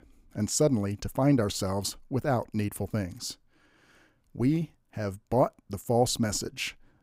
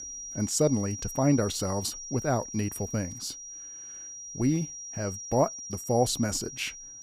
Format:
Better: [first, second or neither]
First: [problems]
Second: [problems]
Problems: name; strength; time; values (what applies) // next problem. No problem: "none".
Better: first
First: none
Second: high-pitched whine; loud; throughout; 5.5 kHz, 9 dB below the speech